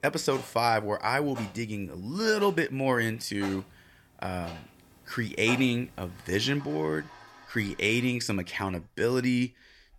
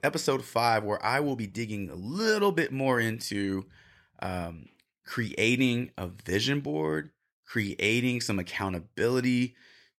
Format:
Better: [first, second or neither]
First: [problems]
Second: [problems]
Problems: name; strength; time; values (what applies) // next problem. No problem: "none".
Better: second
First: household noises; noticeable; throughout; 20 dB below the speech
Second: none